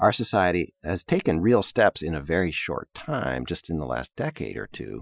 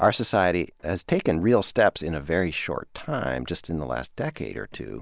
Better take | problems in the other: second | noise reduction (classical method Wiener filter)

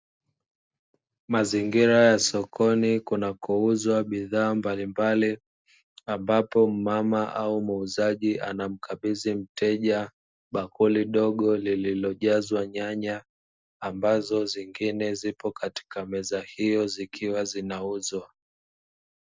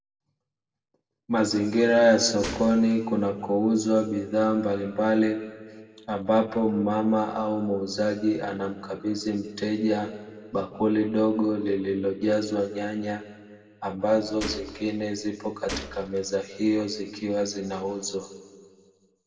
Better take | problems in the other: first | background sound (Gunshot, gunfire); 14 dB below the speech // room echo; dies away in 1.3 s

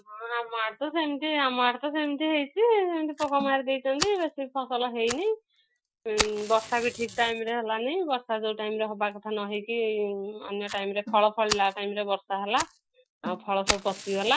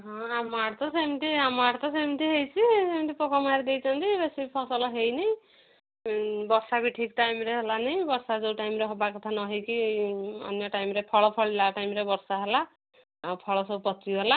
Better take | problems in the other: second | noise reduction (classical method Wiener filter)

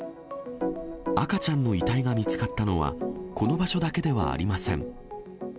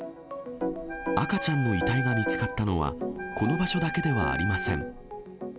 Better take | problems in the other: first | background sound (Wind instrument, woodwind instrument); 7 dB below the speech

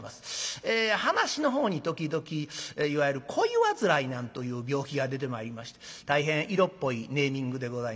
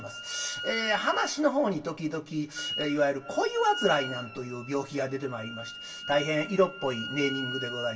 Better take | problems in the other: first | background sound (Wind instrument, woodwind instrument); 9 dB below the speech // room echo; dies away in 0.2 s

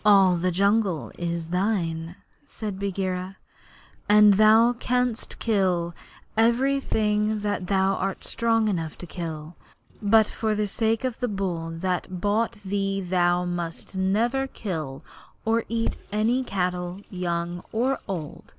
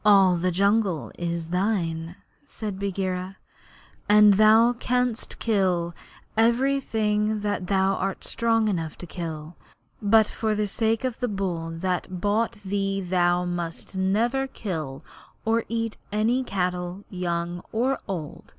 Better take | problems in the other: second | background sound (Sink (filling or washing) / Water tap, faucet); 15 dB below the speech

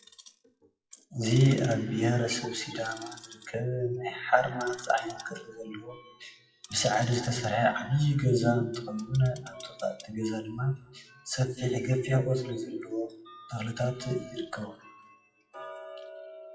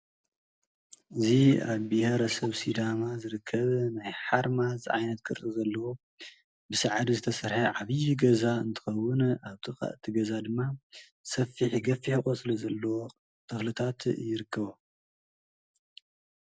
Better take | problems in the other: second | noise reduction (classical method WPE with log-MMSE)

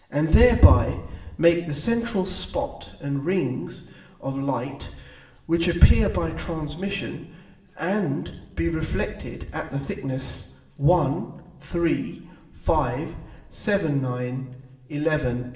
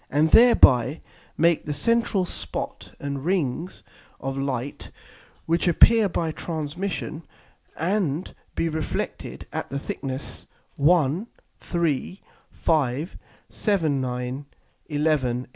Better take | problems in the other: second | room echo; dies away in 1.4 s

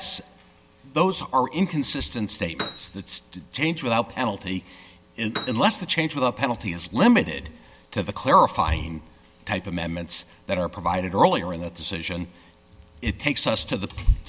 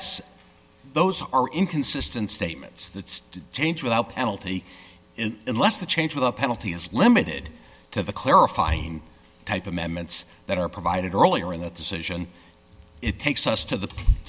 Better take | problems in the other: second | background sound (Piano); 12 dB below the speech

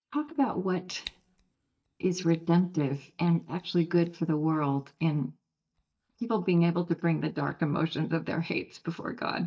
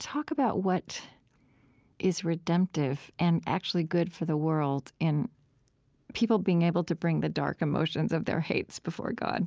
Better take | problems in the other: second | noise reduction (neural mask model DeepFilterNet 3)

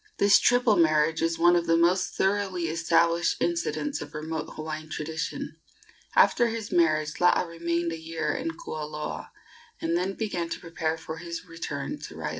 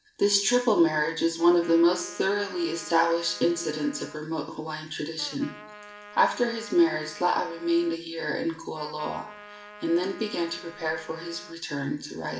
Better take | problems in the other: first | background sound (Trumpet); 19 dB below the speech // room echo; dies away in 0.5 s

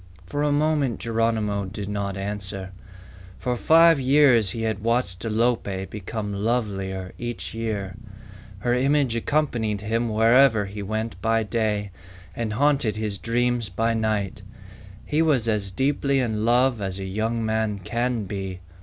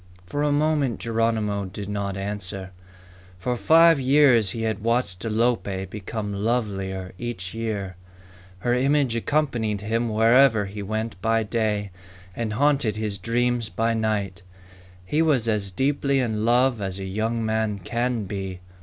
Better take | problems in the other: second | background sound (Bass guitar); 17 dB below the speech

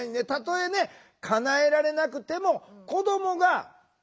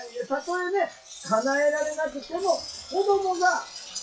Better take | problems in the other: first | noise reduction (classical method WPE with log-MMSE)

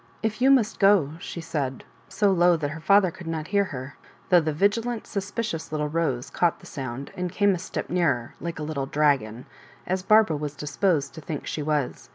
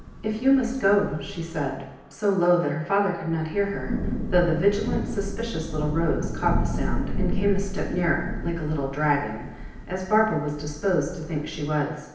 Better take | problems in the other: first | background sound (Thunder / Rain); 4 dB below the speech // room echo; dies away in 0.9 s

